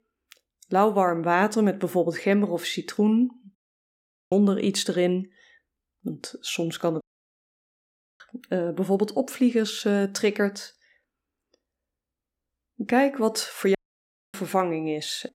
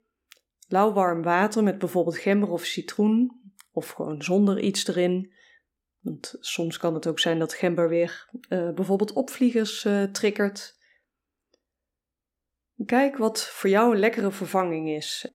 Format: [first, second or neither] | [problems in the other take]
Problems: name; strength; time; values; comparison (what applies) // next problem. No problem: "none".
second | audio cutting out; at 3.5 s for 1 s, at 7 s for 1 s and at 14 s for 0.5 s